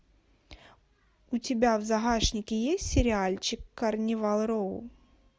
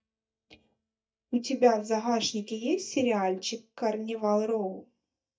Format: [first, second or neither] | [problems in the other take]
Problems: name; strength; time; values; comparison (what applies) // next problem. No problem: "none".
first | noise reduction (neural mask model DeepFilterNet 3)